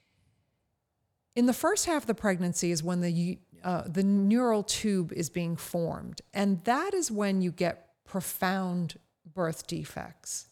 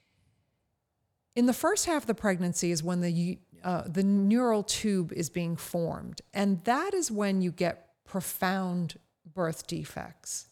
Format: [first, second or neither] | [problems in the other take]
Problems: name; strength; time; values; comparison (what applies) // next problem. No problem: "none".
neither | none